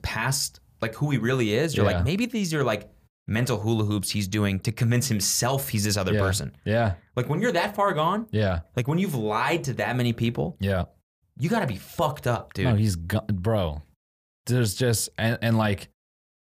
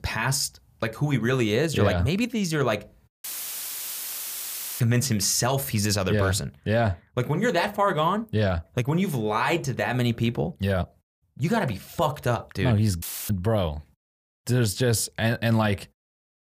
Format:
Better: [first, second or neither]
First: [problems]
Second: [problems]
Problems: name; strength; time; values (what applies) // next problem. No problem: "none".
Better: first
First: none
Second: audio cutting out; filled with static; at 3 s for 1.5 s and at 13 s